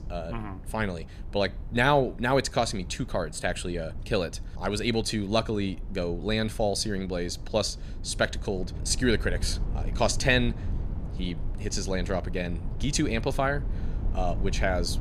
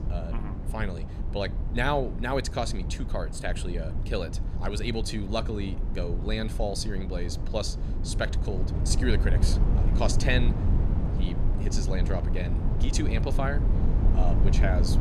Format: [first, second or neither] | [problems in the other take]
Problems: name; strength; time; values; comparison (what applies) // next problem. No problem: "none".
first | low rumble; loud; throughout; 8 dB below the speech; faint in the first